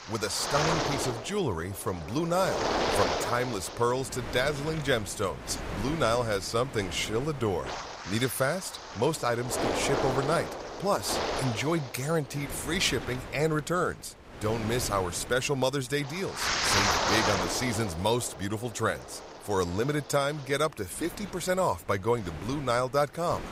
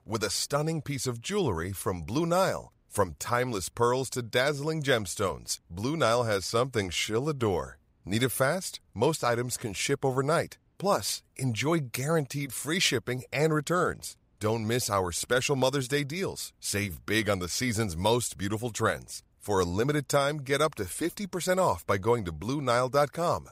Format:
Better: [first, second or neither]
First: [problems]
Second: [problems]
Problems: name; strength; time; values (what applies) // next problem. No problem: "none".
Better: second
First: wind noise on the microphone; heavy; 2 dB below the speech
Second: none